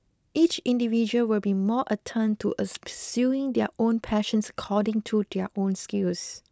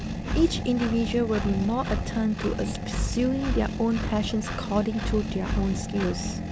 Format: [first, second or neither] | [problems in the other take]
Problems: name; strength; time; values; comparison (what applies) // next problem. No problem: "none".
first | background sound (Engine); 2 dB below the speech